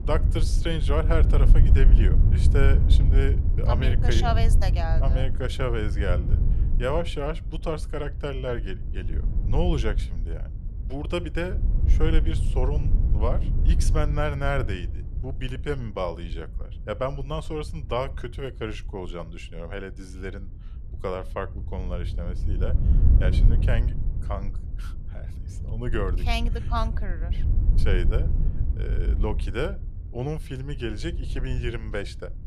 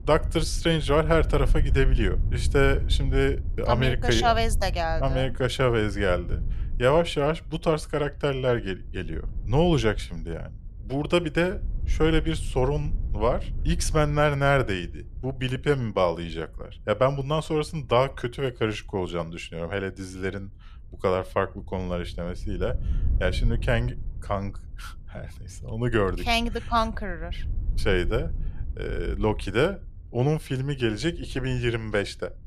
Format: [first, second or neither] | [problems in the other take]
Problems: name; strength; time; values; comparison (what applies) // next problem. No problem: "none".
second | wind noise on the microphone; heavy; 10 dB below the speech; occasional gusts in the second